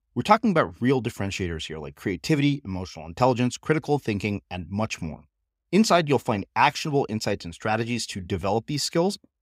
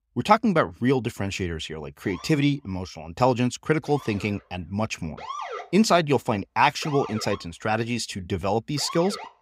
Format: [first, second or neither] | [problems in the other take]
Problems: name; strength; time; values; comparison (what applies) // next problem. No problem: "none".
first | siren; noticeable; from 2 s on; peak 8 dB below the speech